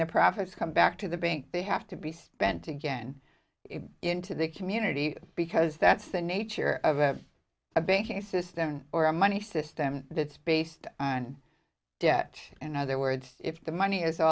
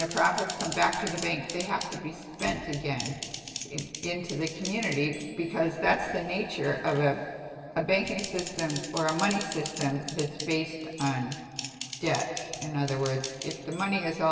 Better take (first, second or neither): first